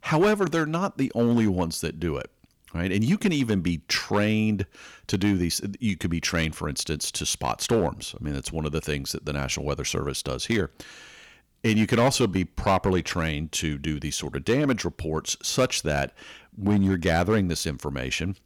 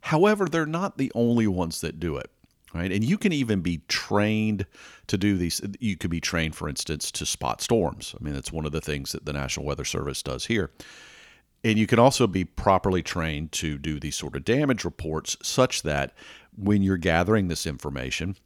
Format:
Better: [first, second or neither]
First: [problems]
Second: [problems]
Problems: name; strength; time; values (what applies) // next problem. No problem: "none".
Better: second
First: distortion; slight; 3% of the sound clipped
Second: none